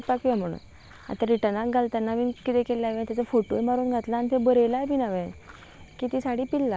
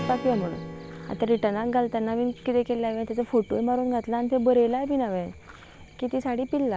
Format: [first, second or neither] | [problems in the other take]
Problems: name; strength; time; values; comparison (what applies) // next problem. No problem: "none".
first | background sound (Strum); 16 dB below the speech